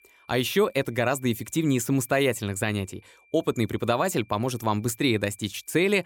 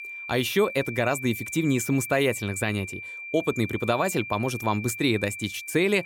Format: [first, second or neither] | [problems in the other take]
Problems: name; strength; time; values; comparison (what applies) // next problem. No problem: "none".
first | high-pitched whine; loud; throughout; 2.5 kHz, 9 dB below the speech; faint in the first